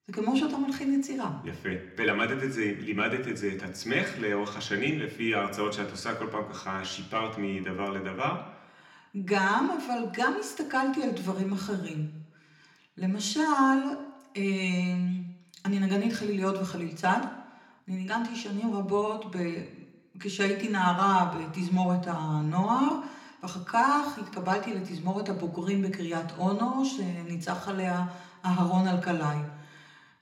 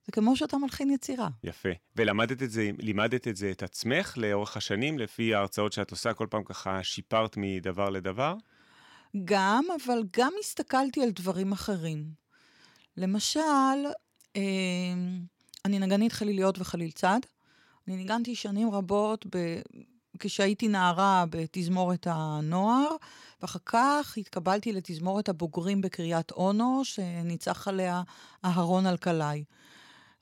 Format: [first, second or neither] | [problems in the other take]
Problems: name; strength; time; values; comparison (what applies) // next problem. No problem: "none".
second | room echo; slight; dies away in 0.9 s // off-mic speech; somewhat distant